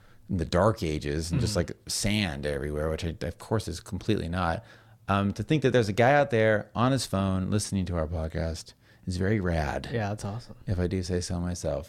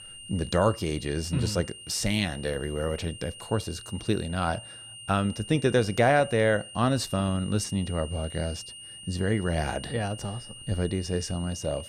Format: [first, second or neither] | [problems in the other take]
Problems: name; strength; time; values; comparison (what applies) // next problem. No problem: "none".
first | high-pitched whine; noticeable; throughout; 3 kHz, 15 dB below the speech